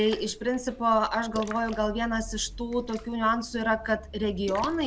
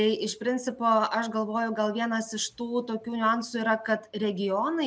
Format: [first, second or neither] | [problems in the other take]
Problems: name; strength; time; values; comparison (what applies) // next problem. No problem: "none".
second | background sound (Splash, splatter); 14 dB below the speech